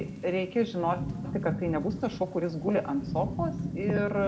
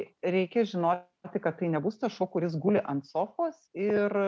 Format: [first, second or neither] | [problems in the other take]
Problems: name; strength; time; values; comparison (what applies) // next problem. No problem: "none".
second | background sound (Rain / Thunderstorm); 5 dB below the speech // room echo; dies away in 0.7 s